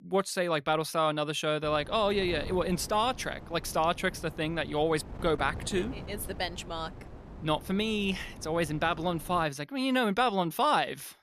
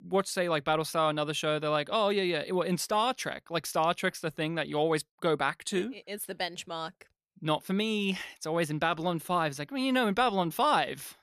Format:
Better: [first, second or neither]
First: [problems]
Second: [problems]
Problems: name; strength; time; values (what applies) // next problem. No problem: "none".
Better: second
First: wind noise on the microphone; occasional gusts; from 1.5 to 9.5 s; 20 dB below the speech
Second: none